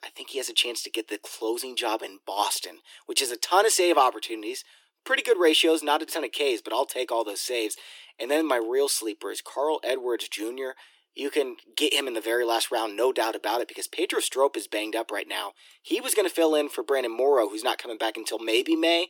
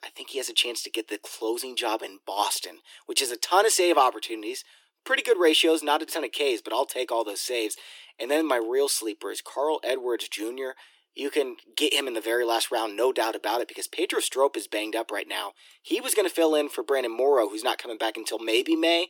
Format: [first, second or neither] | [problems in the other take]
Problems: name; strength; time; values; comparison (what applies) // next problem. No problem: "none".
neither | thin; very; fading below 350 Hz; the same in both